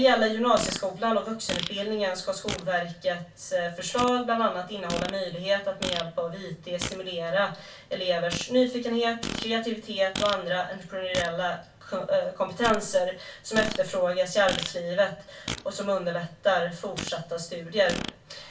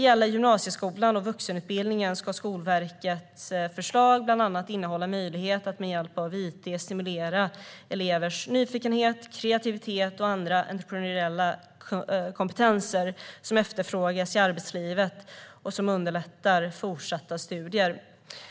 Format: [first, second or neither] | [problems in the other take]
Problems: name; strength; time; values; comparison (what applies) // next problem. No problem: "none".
second | background sound (Fart); 12 dB below the speech // room echo; dies away in 0.2 s